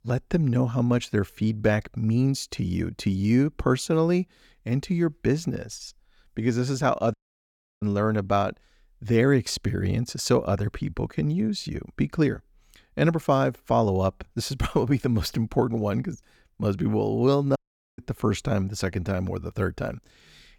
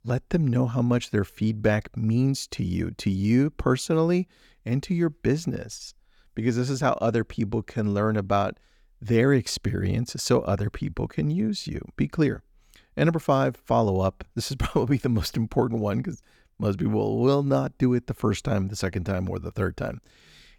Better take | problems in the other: second | audio cutting out; at 7 s for 0.5 s and at 18 s

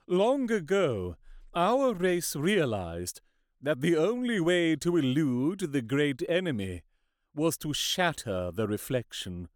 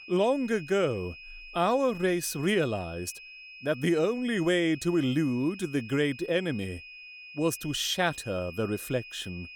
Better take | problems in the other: first | high-pitched whine; noticeable; throughout; 2.5 kHz, 15 dB below the speech

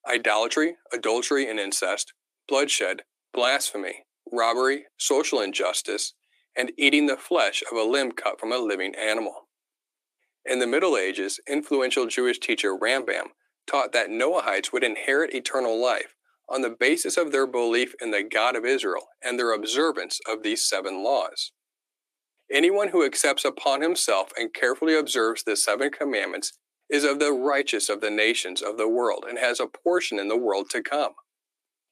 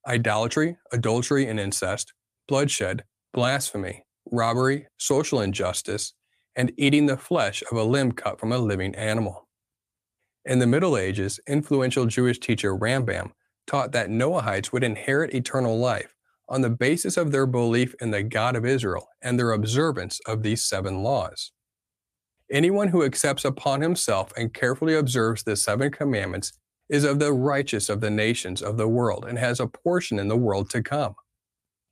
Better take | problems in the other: second | thin; somewhat; fading below 300 Hz

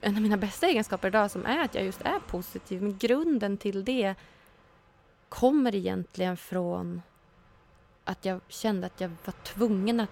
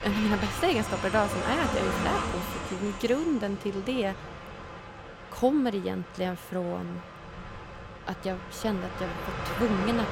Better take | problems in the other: first | train or aircraft noise; loud; throughout; 5 dB below the speech; faint in the first

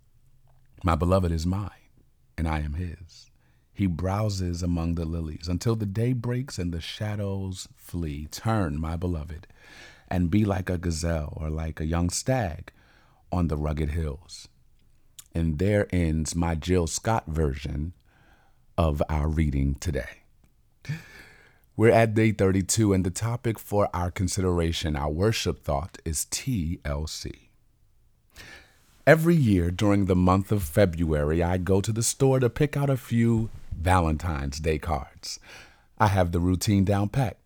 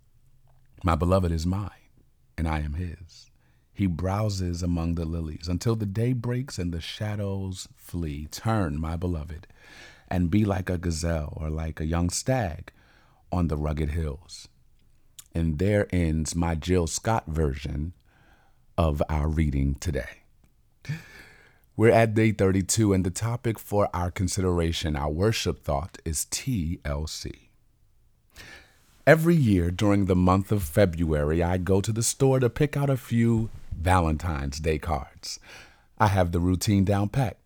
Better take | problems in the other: neither | none

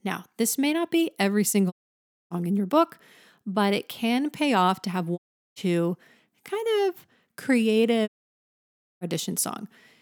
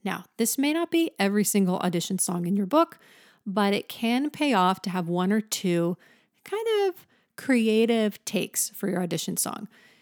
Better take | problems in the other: second | audio cutting out; at 1.5 s for 0.5 s, at 5 s and at 8 s for 1 s

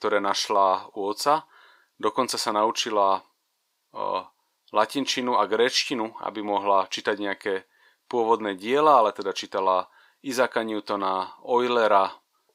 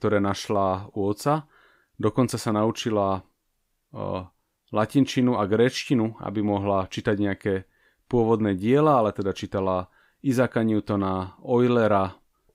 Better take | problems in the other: second | thin; somewhat; fading below 500 Hz

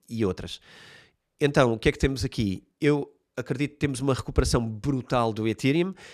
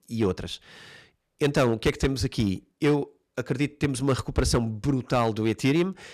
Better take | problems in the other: first | distortion; slight; 4% of the sound clipped

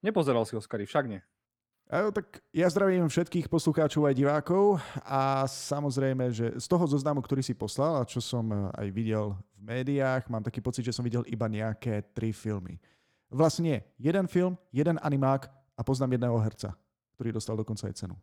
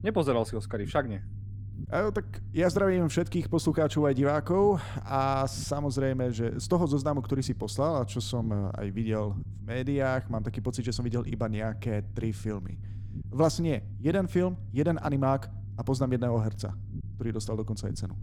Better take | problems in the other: first | low rumble; faint; throughout; 20 dB below the speech

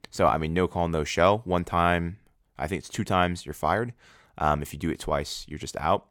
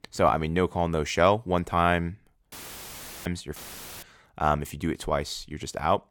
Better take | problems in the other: first | audio cutting out; filled with static; at 2.5 s for 0.5 s and at 3.5 s

